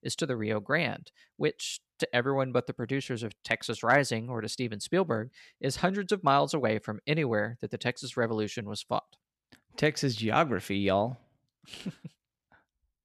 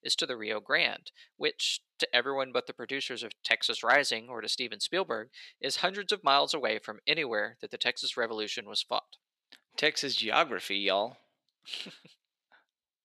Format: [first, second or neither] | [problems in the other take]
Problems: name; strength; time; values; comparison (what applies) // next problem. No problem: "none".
first | thin; somewhat; fading below 400 Hz